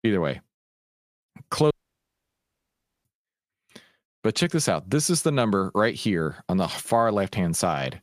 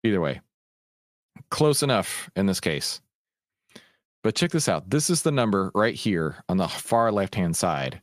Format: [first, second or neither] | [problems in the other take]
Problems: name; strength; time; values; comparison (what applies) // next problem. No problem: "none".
second | audio cutting out; at 1.5 s for 1.5 s